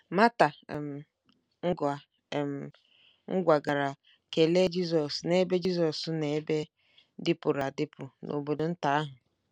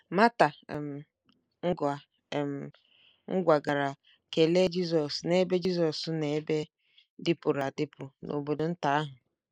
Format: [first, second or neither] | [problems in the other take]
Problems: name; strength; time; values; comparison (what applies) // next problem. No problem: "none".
first | noise reduction (neural mask model Resemble Enhance denoiser)